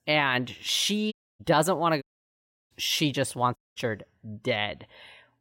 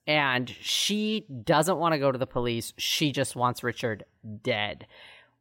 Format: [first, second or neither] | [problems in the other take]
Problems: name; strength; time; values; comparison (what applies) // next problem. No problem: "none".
second | audio cutting out; at 1 s, at 2 s for 0.5 s and at 3.5 s